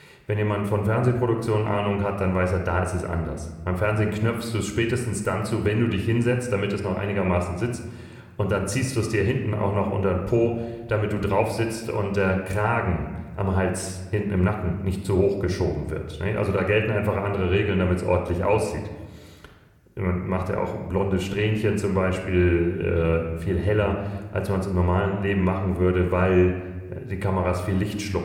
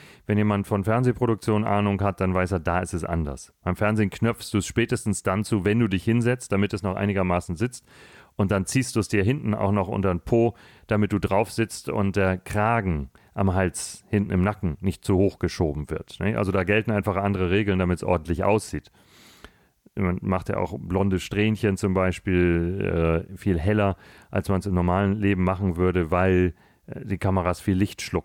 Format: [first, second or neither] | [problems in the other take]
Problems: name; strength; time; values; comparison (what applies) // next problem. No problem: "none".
second | room echo; slight; dies away in 1 s